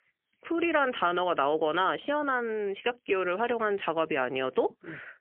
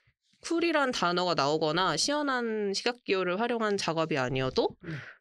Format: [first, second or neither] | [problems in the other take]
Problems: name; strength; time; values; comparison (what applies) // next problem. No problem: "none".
second | phone-call audio; poor line; nothing above 3 kHz